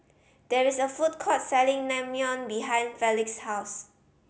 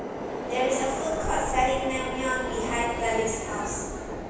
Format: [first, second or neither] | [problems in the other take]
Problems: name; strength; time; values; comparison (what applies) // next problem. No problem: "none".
first | background sound (Subway, metro, underground); 3 dB below the speech // room echo; dies away in 1.1 s